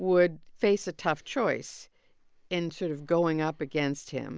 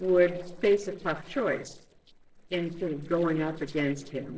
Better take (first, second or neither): first